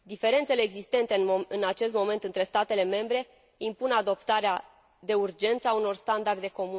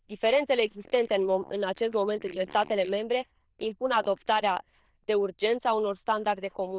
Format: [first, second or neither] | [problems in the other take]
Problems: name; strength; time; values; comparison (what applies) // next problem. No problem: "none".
first | noise reduction (neural diffusion model UNIVERSE++)